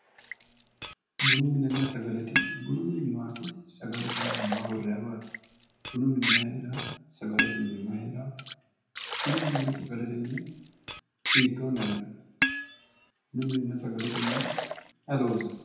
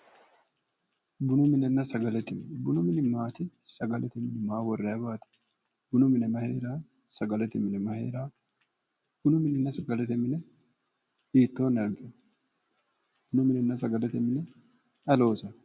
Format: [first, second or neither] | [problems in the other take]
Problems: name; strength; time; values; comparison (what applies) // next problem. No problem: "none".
second | background sound (Liquid); 2 dB below the speech // room echo; dies away in 0.9 s